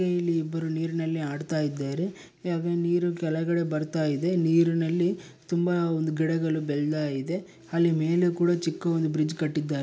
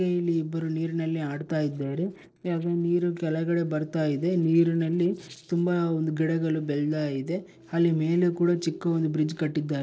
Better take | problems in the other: first | noise reduction (neural separator model SepFormer DNS4)

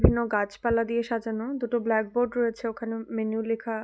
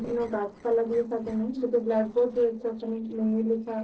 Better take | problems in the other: first | noise reduction (neural separator model SepFormer DNS4)

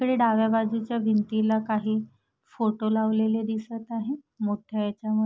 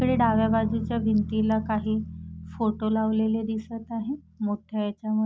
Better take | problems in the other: first | background sound (Bass guitar); 9 dB below the speech

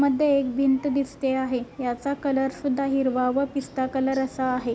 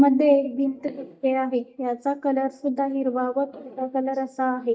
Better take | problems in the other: first | noise reduction (neural mask model DeepFilterNet 3)

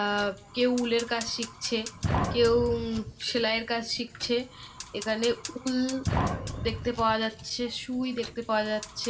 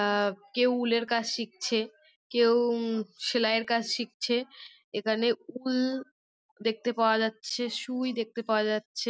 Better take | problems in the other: second | background sound (Fire); 7 dB below the speech // room echo; dies away in 0.3 s

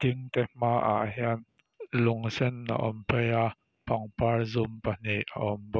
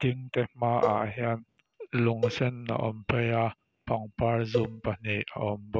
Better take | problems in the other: first | background sound (Cowbell); 7 dB below the speech

